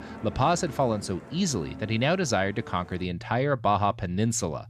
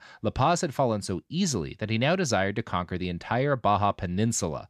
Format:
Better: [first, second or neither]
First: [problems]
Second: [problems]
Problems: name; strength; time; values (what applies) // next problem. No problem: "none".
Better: second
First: background music; noticeable; throughout; 15 dB below the speech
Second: none